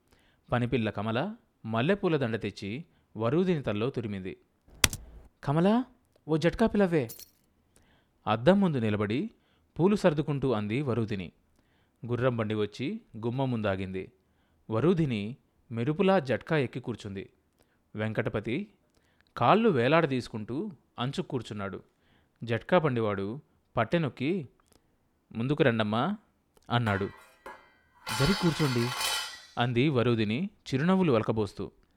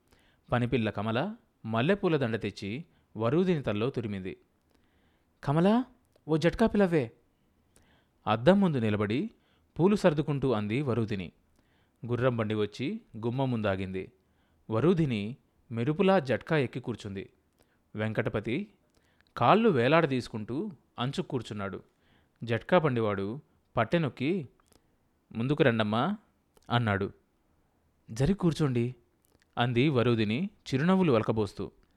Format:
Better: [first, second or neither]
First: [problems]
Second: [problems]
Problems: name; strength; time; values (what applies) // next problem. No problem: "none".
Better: second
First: keyboard typing; loud; at 5 s; peak 2 dB above the speech // jangling keys; faint; at 7 s; peak 15 dB below the speech // clattering dishes; noticeable; from 27 to 29 s; peak level with the speech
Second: none